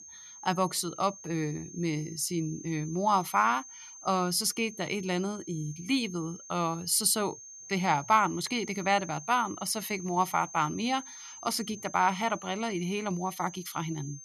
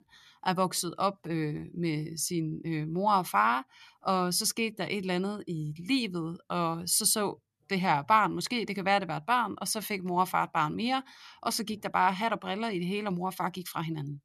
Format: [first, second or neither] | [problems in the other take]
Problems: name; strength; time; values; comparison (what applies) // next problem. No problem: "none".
second | high-pitched whine; noticeable; throughout; 6.5 kHz, 15 dB below the speech